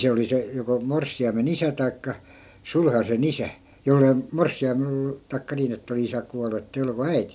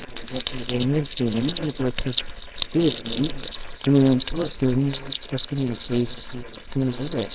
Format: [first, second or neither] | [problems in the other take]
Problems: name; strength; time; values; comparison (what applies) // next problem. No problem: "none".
first | noise reduction (neural separator model SepFormer WHAMR!)